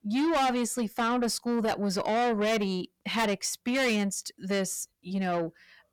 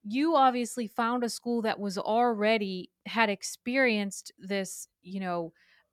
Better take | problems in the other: second | distortion; heavy; 6 dB below the speech

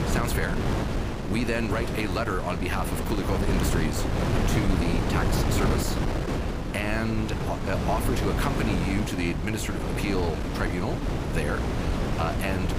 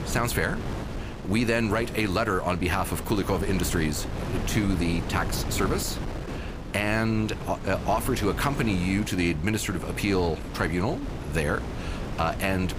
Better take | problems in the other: second | wind noise on the microphone; heavy; 1 dB below the speech; occasional gusts in the second

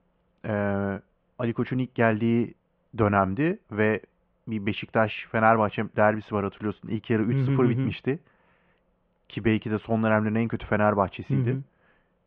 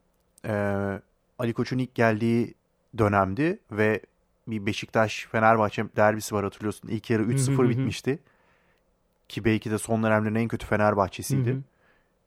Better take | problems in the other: second | muffled; very; fading above 3 kHz

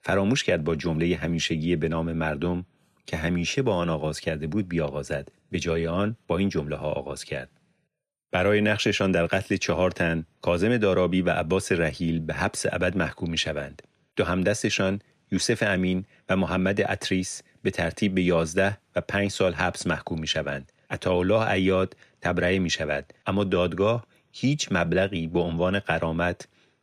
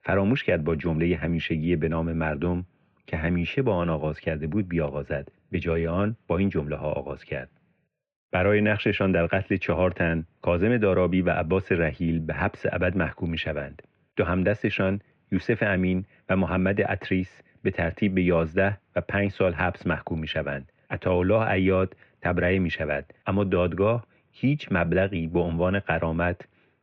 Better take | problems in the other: first | muffled; very; fading above 2.5 kHz

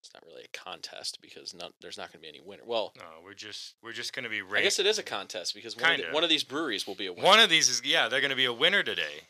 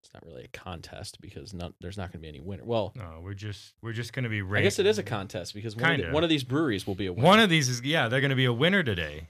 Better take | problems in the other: second | thin; somewhat; fading below 400 Hz

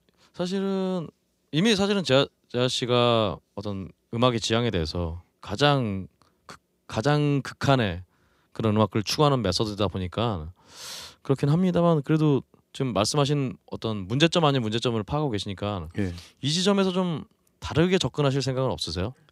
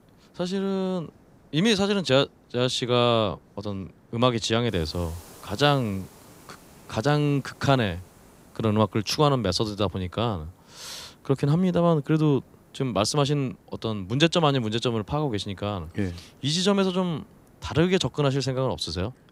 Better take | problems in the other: first | hiss; faint; throughout; 30 dB below the speech

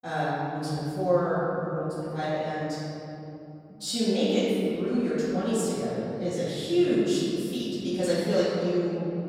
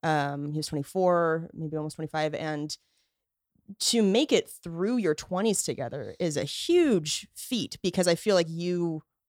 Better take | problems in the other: second | off-mic speech; far // room echo; strong; dies away in 3 s

